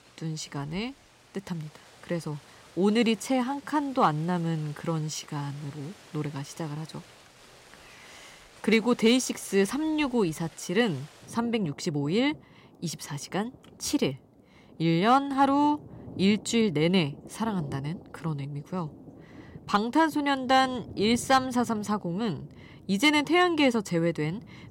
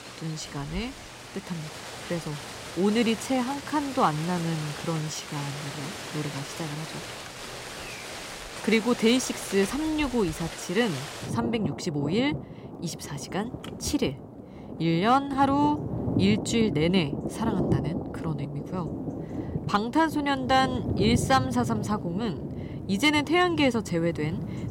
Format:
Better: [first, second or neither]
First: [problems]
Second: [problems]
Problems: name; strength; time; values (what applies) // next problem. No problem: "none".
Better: first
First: rain or running water; faint; throughout; 20 dB below the speech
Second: rain or running water; loud; throughout; 7 dB below the speech